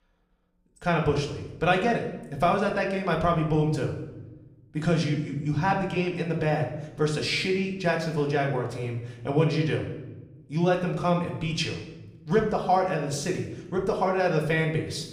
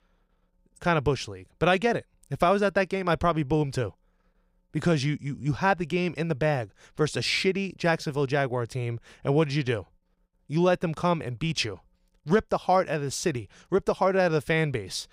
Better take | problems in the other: second | room echo; slight; dies away in 0.8 s // off-mic speech; somewhat distant

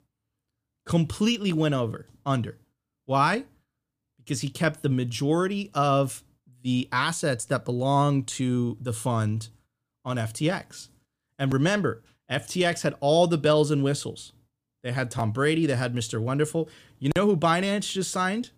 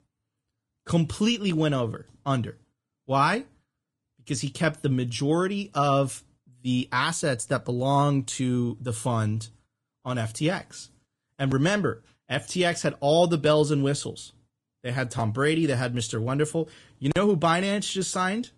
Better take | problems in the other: first | garbled, watery; slightly; nothing above 10.5 kHz

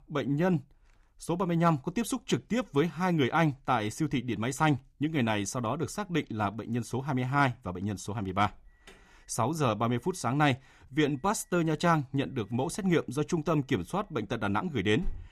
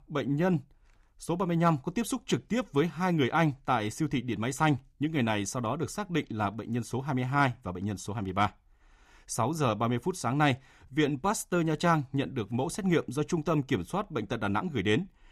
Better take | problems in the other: second | alarm; very faint; at 15 s; peak 15 dB below the speech

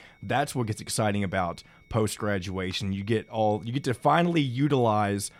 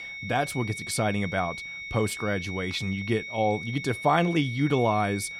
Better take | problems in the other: first | high-pitched whine; loud; throughout; 2 kHz, 8 dB below the speech; faint in the first

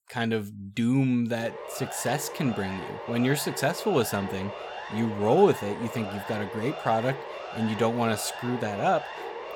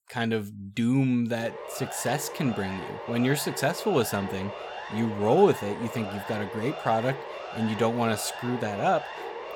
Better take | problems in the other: neither | siren; noticeable; from 1.5 s on; peak 9 dB below the speech; the same in both

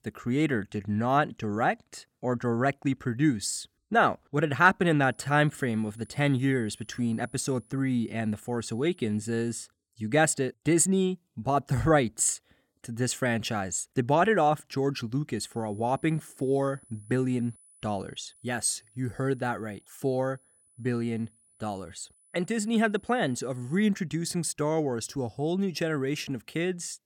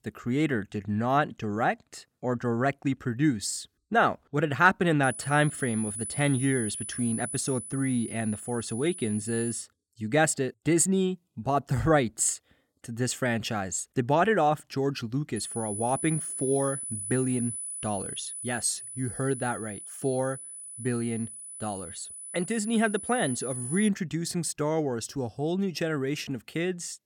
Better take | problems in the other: first | high-pitched whine; loud; from 5 to 9.5 s and from 15 to 24 s; 10 kHz, 7 dB below the speech; faint in the first

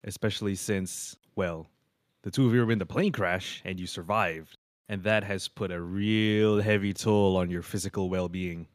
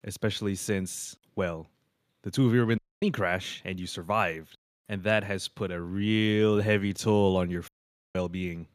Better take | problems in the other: first | audio cutting out; at 3 s and at 7.5 s

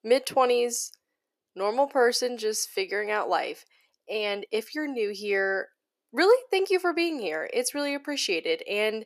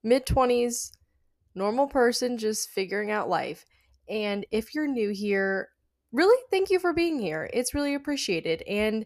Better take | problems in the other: second | thin; somewhat; fading below 350 Hz

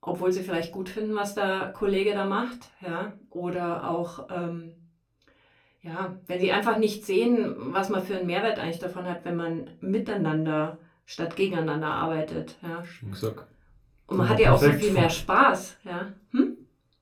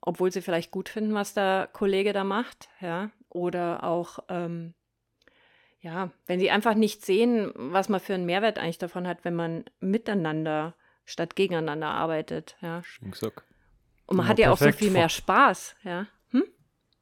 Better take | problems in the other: second | off-mic speech; far // room echo; very slight; dies away in 0.2 s

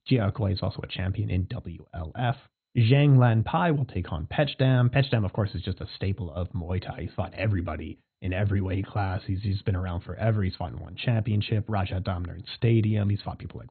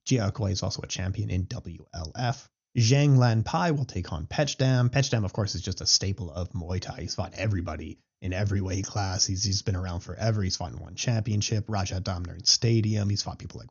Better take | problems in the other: second | garbled, watery; badly; nothing above 4 kHz; slightly in the second

